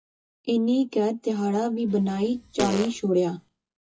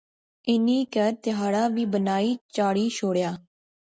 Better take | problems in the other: second | noise reduction (classical method WPE with log-MMSE)

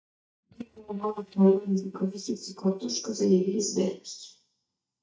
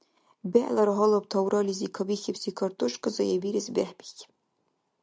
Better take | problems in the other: second | noise reduction (neural mask model DeepFilterNet 3)

